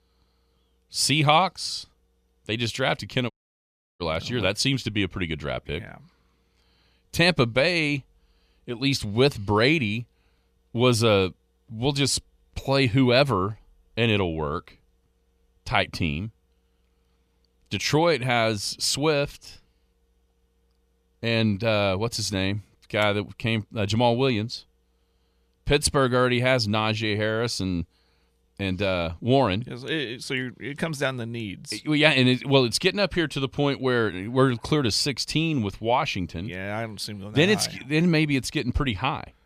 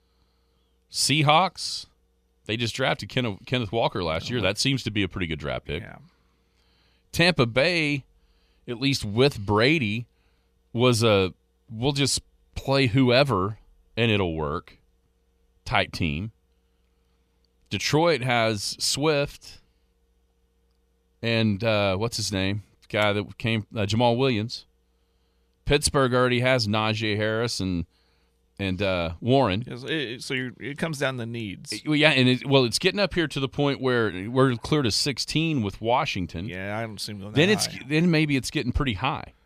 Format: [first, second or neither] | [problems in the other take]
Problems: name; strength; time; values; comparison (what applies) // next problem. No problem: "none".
second | audio cutting out; at 3.5 s for 0.5 s